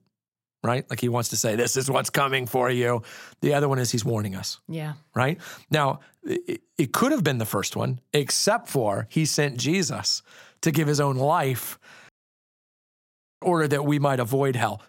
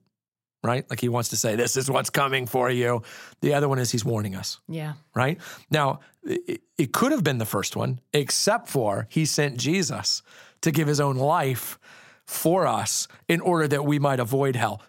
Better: second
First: audio cutting out; at 12 s for 1.5 s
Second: none

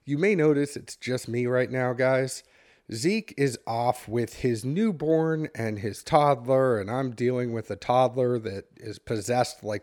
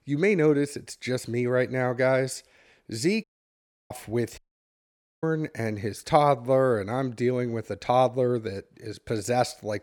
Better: first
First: none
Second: audio cutting out; at 3 s for 0.5 s and at 4.5 s for 1 s

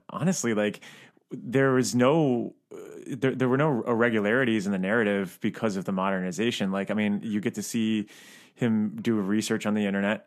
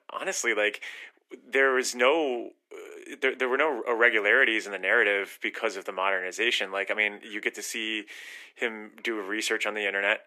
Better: first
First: none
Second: thin; very; fading below 350 Hz

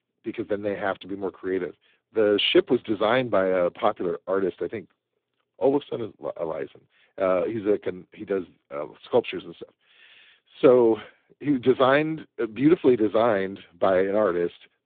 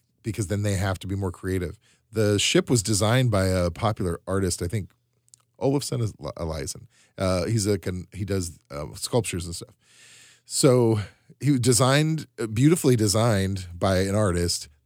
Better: second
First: phone-call audio; poor line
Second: none

